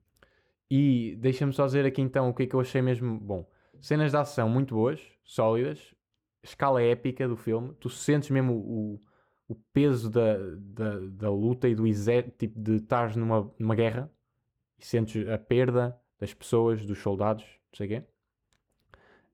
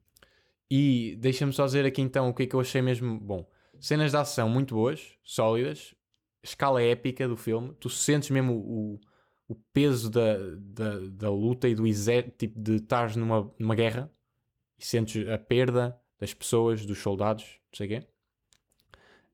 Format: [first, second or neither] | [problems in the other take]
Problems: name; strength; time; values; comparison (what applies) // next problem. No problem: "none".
second | muffled; slightly; fading above 2.5 kHz